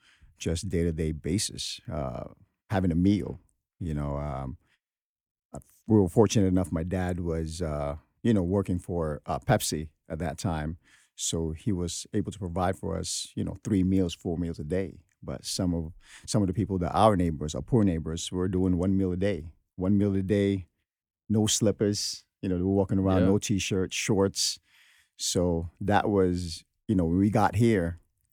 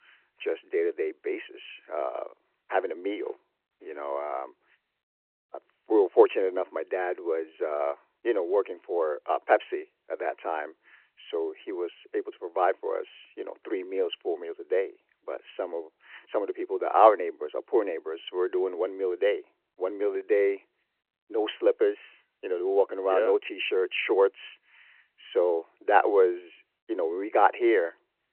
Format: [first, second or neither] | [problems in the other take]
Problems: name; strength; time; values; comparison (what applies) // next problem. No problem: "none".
first | phone-call audio